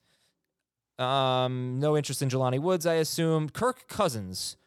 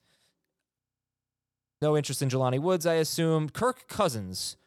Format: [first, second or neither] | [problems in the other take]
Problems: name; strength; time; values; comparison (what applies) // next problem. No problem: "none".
first | audio freezing; at 1 s for 1 s